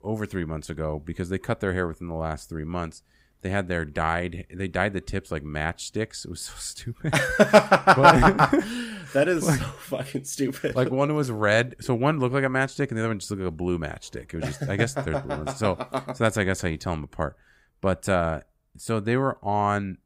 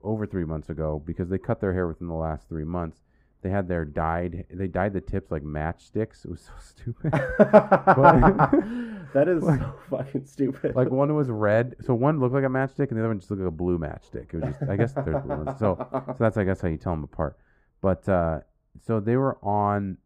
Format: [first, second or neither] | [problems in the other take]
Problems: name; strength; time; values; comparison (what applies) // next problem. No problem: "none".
first | muffled; very; fading above 2 kHz